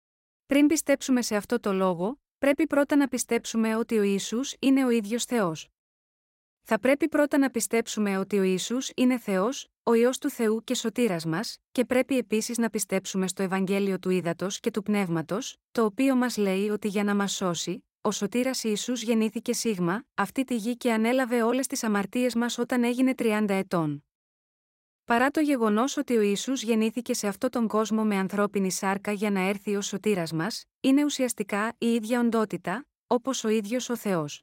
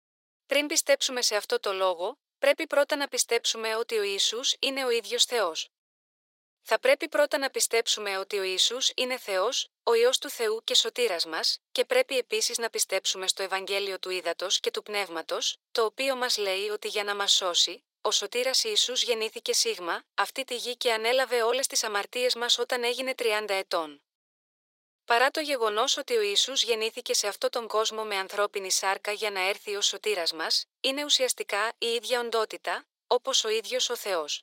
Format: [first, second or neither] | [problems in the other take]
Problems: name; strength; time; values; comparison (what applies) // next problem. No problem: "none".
first | thin; very; fading below 450 Hz